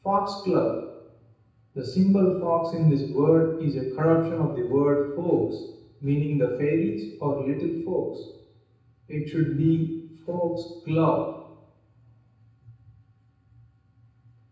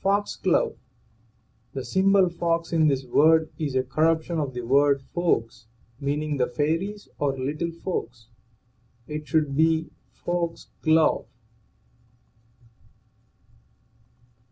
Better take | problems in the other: second | room echo; dies away in 0.9 s

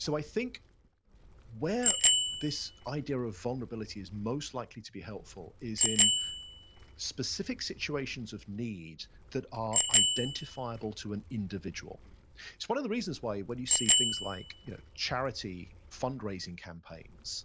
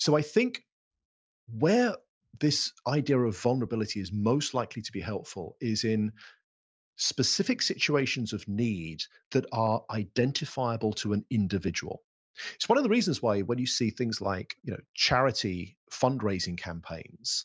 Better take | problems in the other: second | background sound (Bicycle bell); 4 dB above the speech

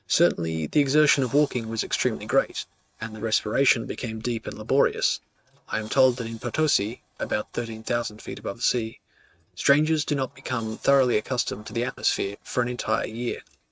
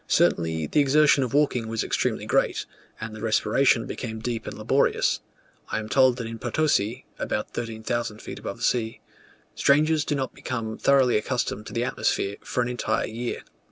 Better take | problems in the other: second | noise reduction (neural mask model RNNoise)

